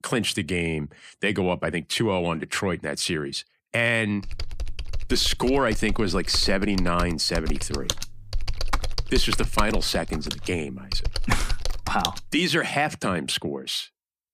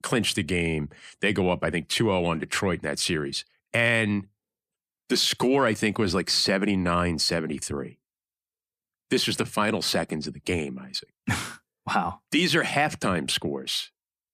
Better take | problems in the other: second | keyboard typing; noticeable; from 4 to 12 s; peak 3 dB below the speech

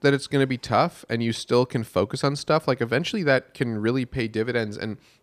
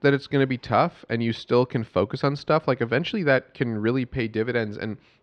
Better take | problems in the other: first | muffled; very slightly; fading above 3.5 kHz

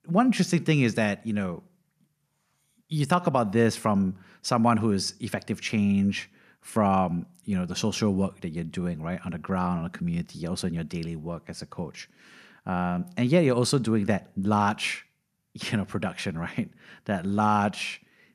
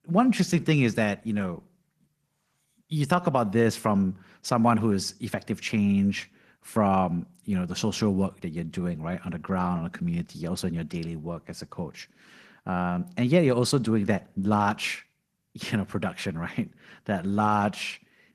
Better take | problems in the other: first | garbled, watery; slightly; nothing above 12 kHz

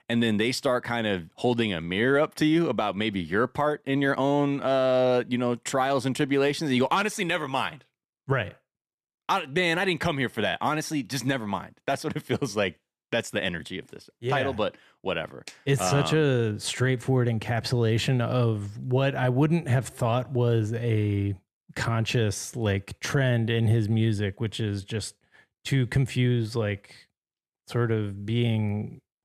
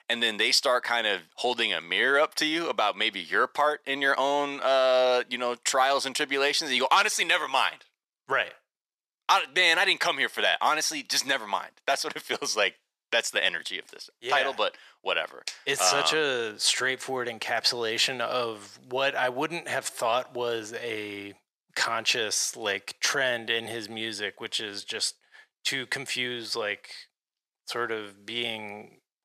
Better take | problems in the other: first | thin; very; fading below 650 Hz

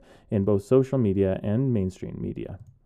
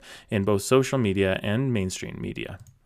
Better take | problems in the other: second | muffled; very; fading above 1 kHz

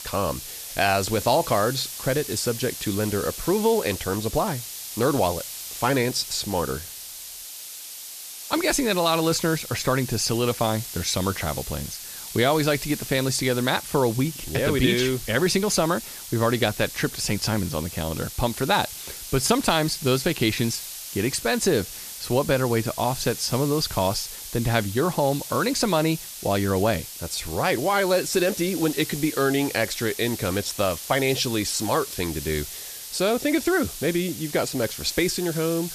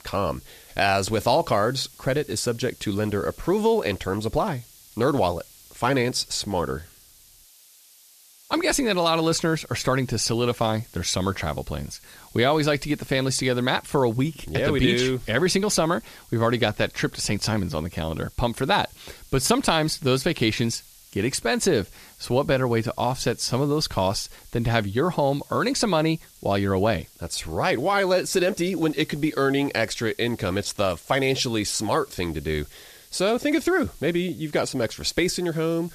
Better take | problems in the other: second | hiss; loud; throughout; 10 dB below the speech; faint in the second

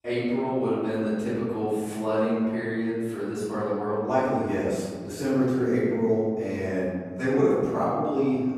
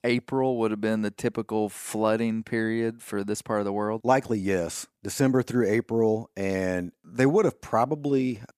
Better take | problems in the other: second | off-mic speech; far // room echo; strong; dies away in 1.8 s

